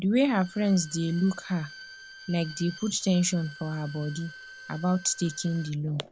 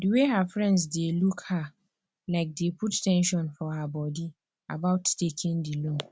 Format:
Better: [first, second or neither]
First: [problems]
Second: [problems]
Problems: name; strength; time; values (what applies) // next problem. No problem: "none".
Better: second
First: background sound (Bowed string instrument); 18 dB below the speech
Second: none